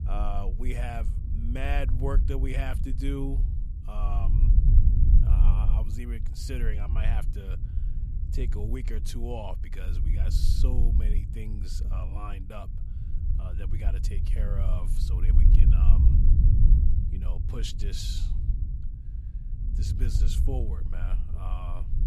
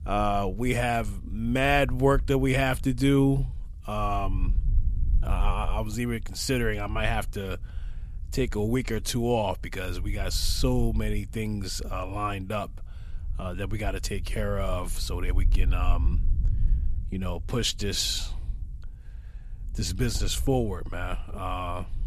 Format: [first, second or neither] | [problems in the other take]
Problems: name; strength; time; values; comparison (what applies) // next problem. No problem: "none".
second | low rumble; loud; throughout; 5 dB below the speech; faint in the second